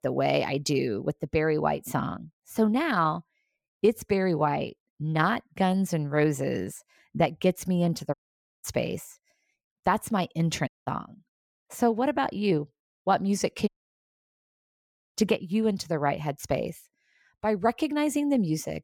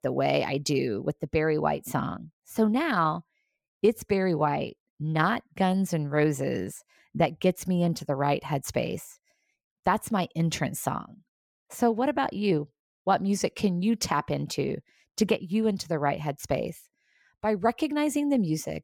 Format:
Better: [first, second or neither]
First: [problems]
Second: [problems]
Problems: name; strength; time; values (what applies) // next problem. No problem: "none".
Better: second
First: audio cutting out; at 8 s, at 11 s and at 14 s for 1.5 s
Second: none